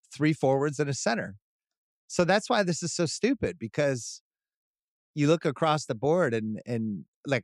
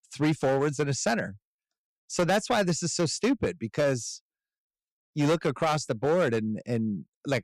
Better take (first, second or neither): first